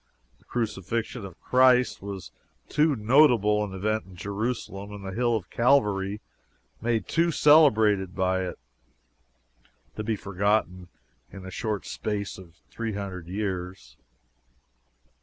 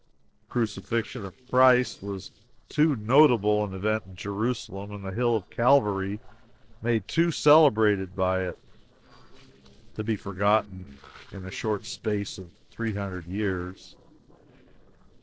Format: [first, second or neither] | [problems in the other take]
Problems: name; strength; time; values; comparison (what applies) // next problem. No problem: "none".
first | noise reduction (neural separator model SepFormer DNS4)